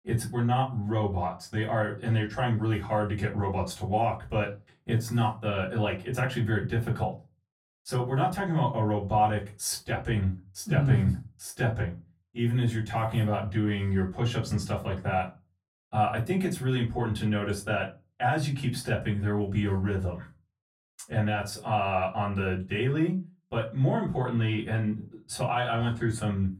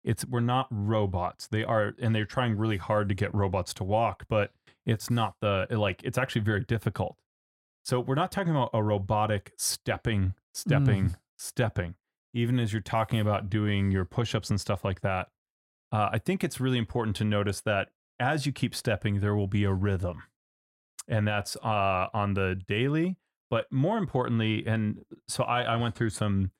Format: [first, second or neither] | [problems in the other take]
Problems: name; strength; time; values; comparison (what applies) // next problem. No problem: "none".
second | off-mic speech; far // room echo; very slight; dies away in 0.2 s